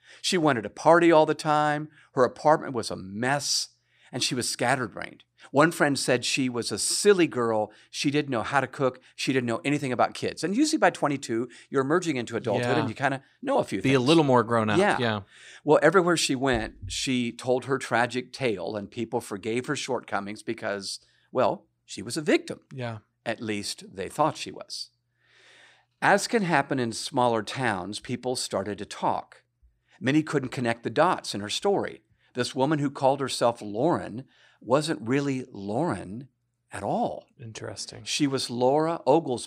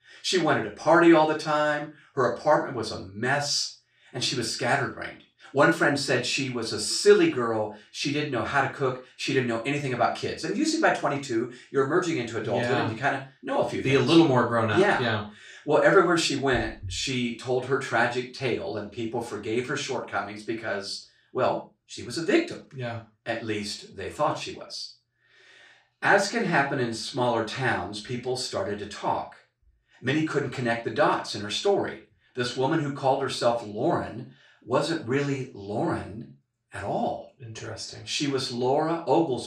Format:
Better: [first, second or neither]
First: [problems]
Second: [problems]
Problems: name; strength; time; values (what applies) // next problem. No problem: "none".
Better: first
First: none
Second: room echo; noticeable; dies away in 0.3 s // off-mic speech; far